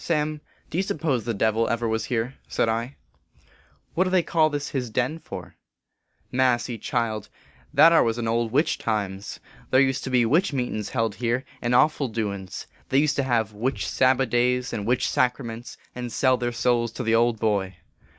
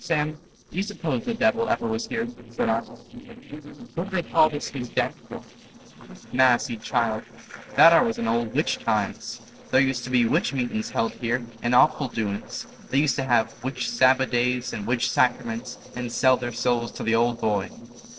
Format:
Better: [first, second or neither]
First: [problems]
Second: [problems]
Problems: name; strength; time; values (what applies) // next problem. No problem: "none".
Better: first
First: none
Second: noise reduction (neural separator model SepFormer DNS4)